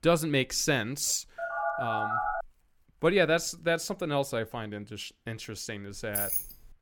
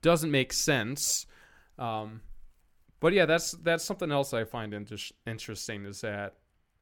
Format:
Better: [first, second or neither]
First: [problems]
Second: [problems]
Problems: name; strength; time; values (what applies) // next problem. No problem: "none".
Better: second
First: phone ringing; loud; from 1.5 to 2.5 s; peak level with the speech // jangling keys; loud; at 6 s; peak 1 dB above the speech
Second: none